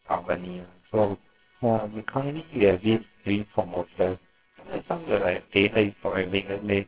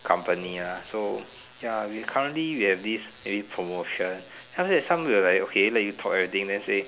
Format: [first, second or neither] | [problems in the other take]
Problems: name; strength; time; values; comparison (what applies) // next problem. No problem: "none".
second | noise reduction (neural separator model SepFormer WHAMR!)